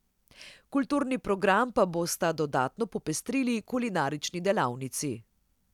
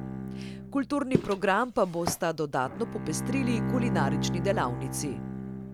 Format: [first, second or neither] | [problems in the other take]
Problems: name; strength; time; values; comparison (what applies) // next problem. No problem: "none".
first | background sound (Walk, footsteps + Bowed string instrument); 2 dB below the speech